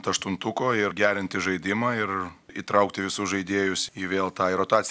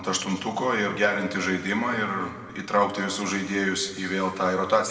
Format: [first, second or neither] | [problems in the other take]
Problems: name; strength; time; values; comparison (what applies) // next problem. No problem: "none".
first | room echo; dies away in 1.6 s